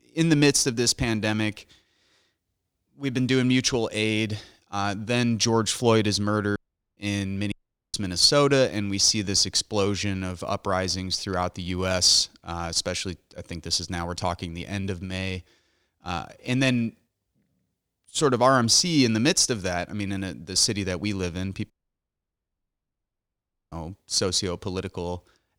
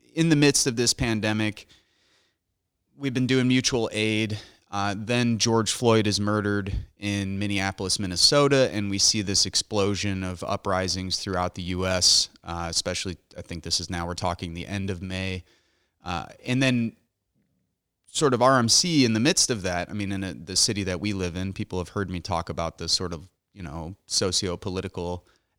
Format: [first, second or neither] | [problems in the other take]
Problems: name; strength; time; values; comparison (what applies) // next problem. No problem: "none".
second | audio cutting out; at 6.5 s, at 7.5 s and at 22 s for 2 s